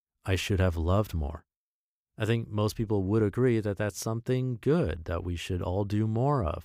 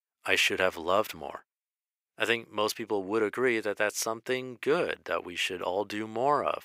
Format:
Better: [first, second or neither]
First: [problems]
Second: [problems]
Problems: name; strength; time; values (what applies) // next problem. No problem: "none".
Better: first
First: none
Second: thin; very; fading below 500 Hz